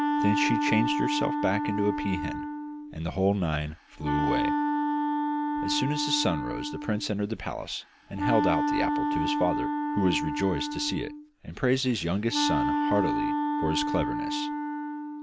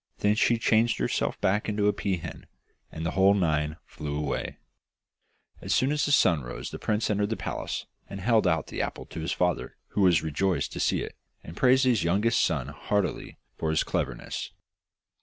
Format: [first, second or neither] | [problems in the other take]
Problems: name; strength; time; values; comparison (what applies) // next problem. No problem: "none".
second | background sound (Wind instrument, woodwind instrument); 1 dB above the speech